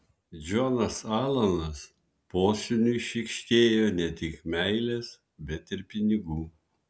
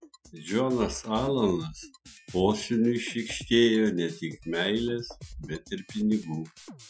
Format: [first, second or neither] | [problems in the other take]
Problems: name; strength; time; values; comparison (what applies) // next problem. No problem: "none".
first | noise reduction (classical method Wiener filter)